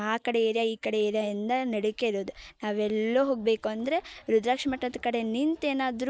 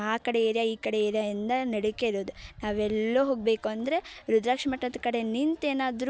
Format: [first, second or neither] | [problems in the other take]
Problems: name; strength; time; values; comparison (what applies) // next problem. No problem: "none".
second | noise reduction (neural mask model Resemble Enhance denoiser)